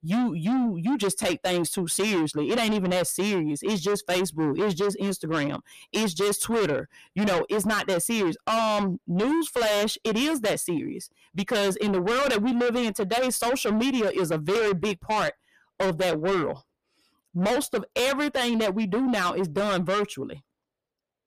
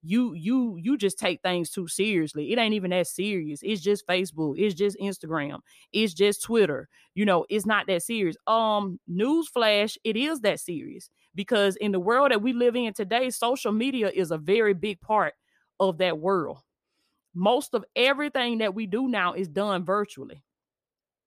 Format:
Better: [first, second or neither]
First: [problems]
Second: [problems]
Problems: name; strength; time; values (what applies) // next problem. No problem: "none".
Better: second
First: distortion; heavy; 6 dB below the speech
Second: none